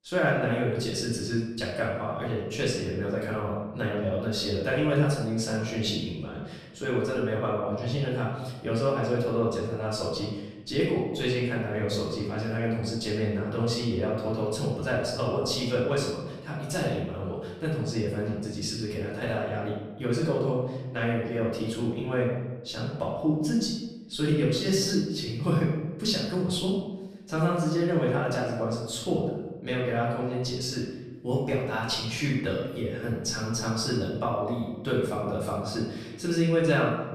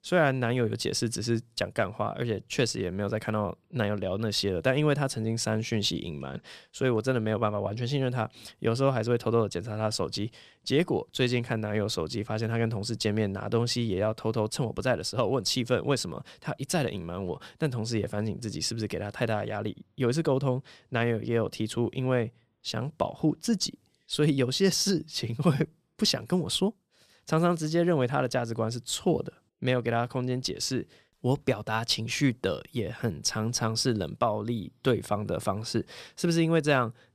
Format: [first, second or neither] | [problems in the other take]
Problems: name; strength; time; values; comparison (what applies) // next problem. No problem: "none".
second | room echo; noticeable; dies away in 0.9 s // off-mic speech; far